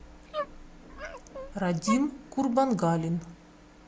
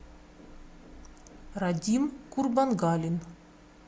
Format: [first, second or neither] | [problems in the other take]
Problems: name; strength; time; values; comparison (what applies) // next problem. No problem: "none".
second | background sound (Dog); 11 dB below the speech